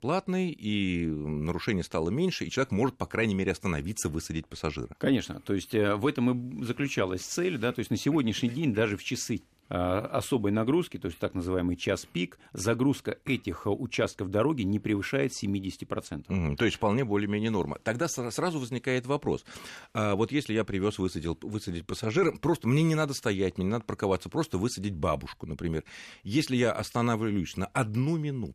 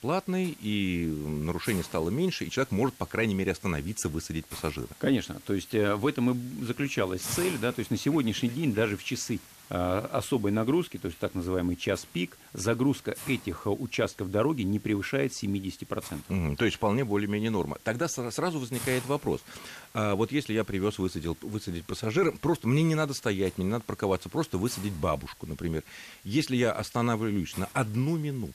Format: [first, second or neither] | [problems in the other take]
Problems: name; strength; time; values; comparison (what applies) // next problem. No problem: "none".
first | hiss; noticeable; throughout; 15 dB below the speech